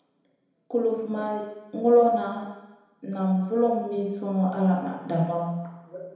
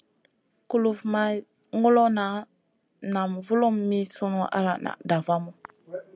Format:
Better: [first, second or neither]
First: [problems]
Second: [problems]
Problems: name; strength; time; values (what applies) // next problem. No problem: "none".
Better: second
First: room echo; dies away in 1 s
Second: none